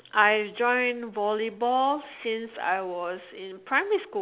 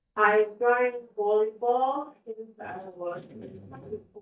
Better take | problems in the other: first | noise reduction (neural mask model DeepFilterNet 3)

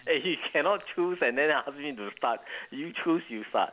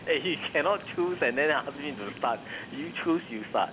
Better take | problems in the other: first | background sound (Train); 15 dB below the speech

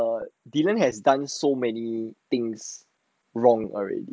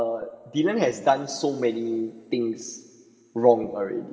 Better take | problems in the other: first | room echo; dies away in 1.9 s

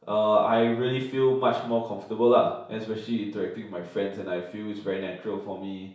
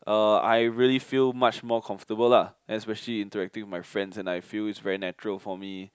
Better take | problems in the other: second | room echo; dies away in 0.6 s

